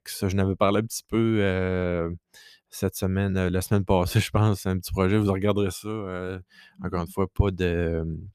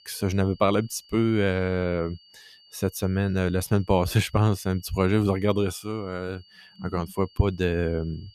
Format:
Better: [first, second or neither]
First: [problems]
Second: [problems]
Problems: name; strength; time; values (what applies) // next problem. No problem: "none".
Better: first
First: none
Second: high-pitched whine; faint; throughout; 4.5 kHz, 25 dB below the speech